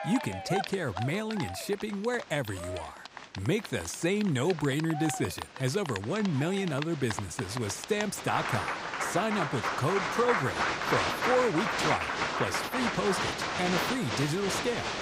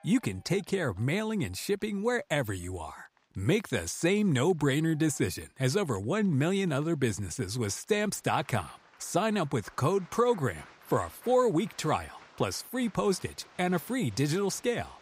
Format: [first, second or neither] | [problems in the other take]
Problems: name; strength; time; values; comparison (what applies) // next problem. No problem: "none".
second | crowd noise; loud; throughout; 2 dB below the speech; faint in the second